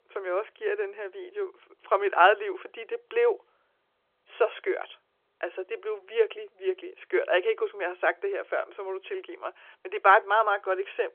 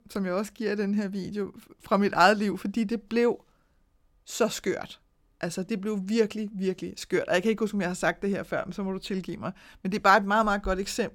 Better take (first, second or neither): second